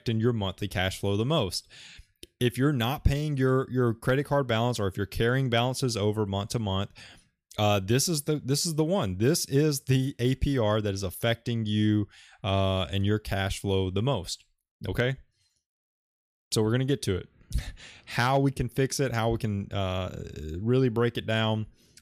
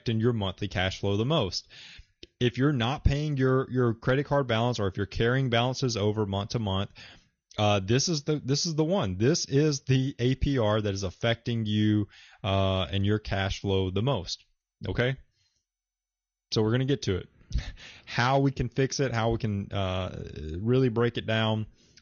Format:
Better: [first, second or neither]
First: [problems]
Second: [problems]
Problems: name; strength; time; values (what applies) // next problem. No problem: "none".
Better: first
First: none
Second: garbled, watery; slightly; nothing above 6.5 kHz